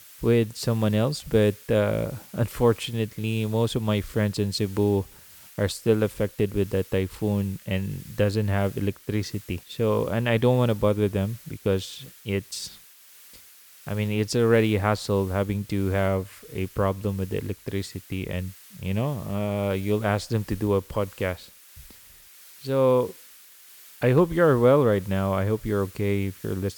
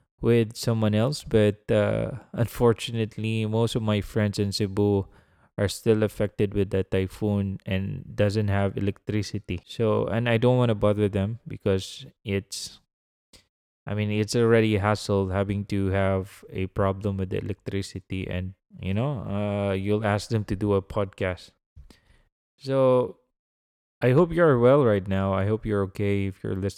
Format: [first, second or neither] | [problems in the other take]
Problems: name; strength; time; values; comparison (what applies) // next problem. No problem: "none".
second | hiss; faint; throughout; 20 dB below the speech